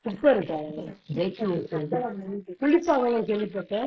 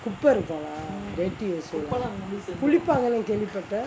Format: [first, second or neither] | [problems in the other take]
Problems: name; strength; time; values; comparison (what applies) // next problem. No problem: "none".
second | noise reduction (neural mask model Resemble Enhance denoiser)